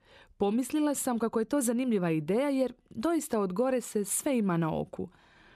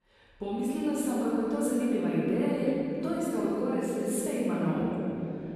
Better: first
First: none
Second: room echo; strong; dies away in 3 s // off-mic speech; far

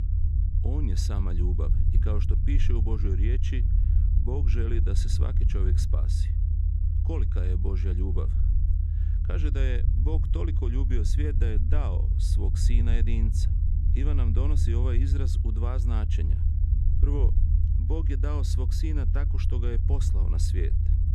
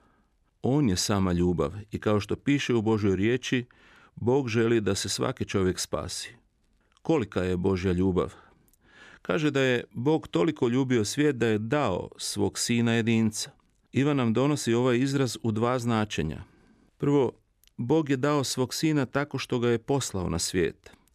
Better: second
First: low rumble; loud; throughout; 4 dB below the speech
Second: none

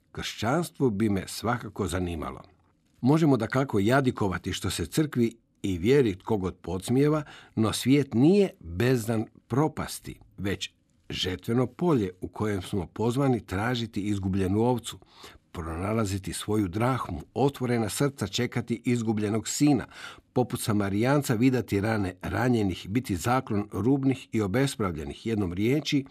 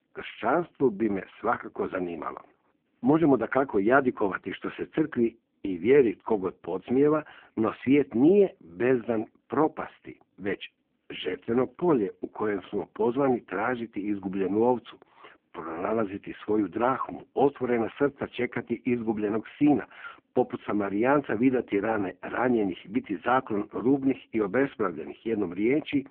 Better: first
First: none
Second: phone-call audio; poor line

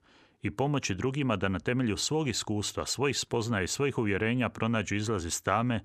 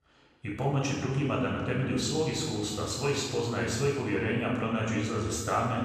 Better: first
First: none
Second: room echo; noticeable; dies away in 1.3 s // off-mic speech; far

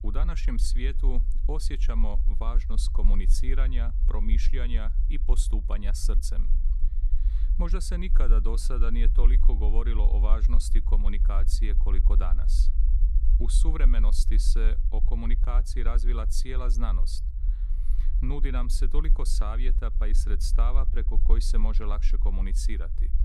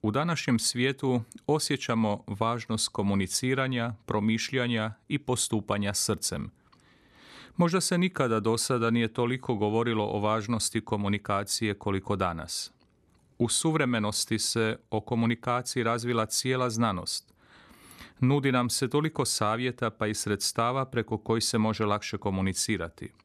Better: second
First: low rumble; noticeable; throughout; 10 dB below the speech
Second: none

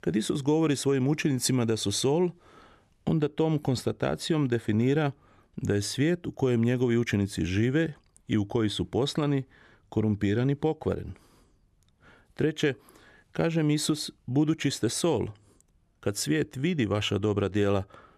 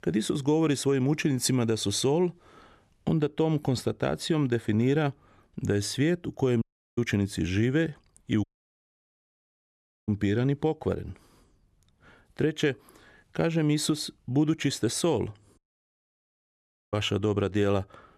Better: first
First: none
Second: audio cutting out; at 6.5 s, at 8.5 s for 1.5 s and at 16 s for 1.5 s

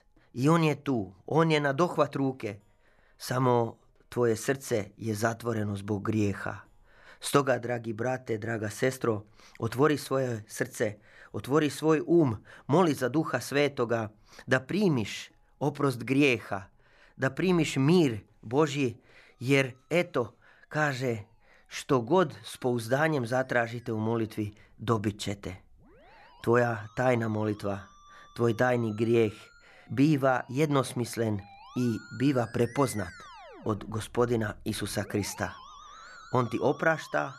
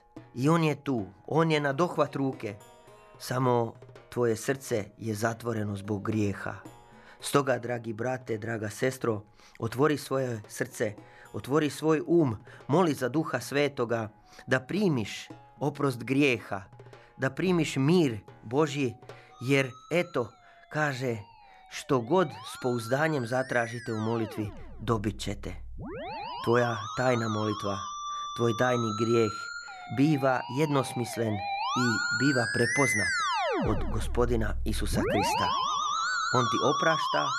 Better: first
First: background music; faint; throughout; 25 dB below the speech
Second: background music; loud; throughout; 3 dB below the speech

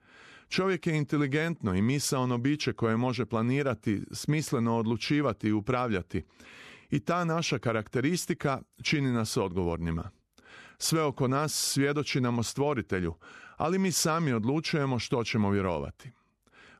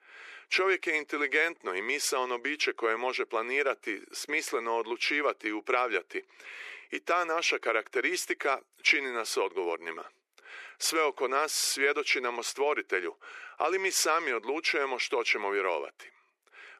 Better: first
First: none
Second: thin; very; fading below 350 Hz

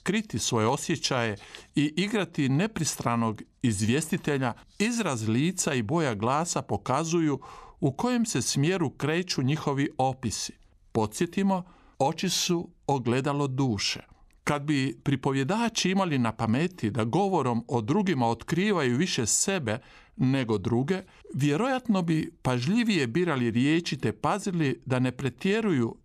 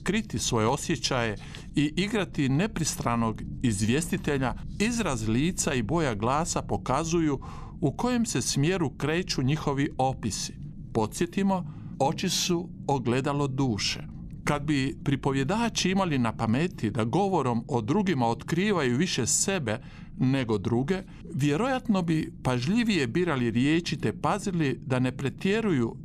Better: first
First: none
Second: low rumble; faint; throughout; 25 dB below the speech

